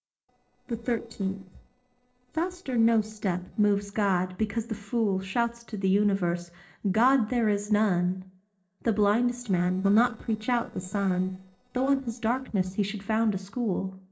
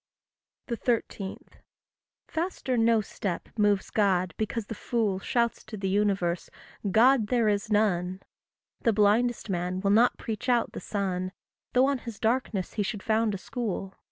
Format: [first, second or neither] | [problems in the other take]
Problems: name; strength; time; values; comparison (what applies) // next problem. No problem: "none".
second | noise reduction (neural separator model SepFormer DNS4)